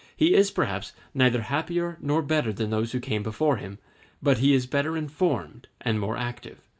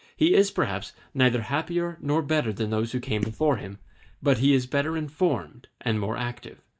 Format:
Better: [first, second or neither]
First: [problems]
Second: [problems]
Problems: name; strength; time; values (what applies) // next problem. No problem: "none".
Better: first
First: none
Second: noise reduction (neural mask model DeepFilterNet 3)